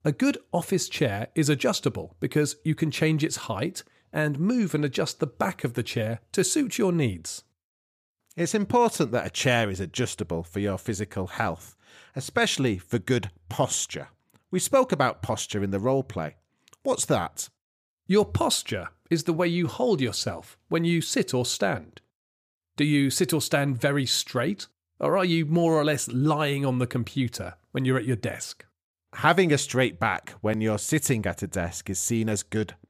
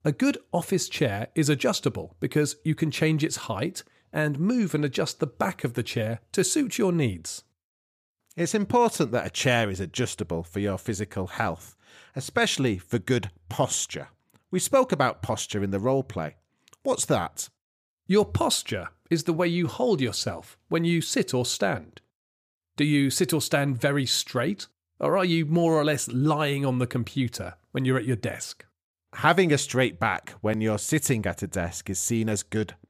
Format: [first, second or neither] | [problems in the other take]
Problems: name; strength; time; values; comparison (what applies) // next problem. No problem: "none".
neither | none